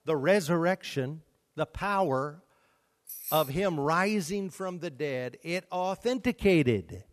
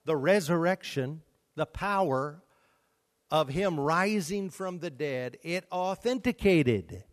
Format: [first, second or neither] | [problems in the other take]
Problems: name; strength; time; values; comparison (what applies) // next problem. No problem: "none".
second | jangling keys; noticeable; at 3 s; peak 7 dB below the speech